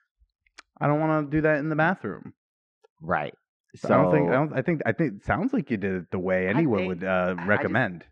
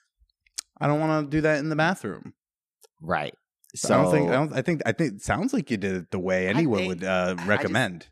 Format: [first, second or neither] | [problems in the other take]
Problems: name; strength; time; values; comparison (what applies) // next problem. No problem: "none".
second | muffled; very; fading above 2 kHz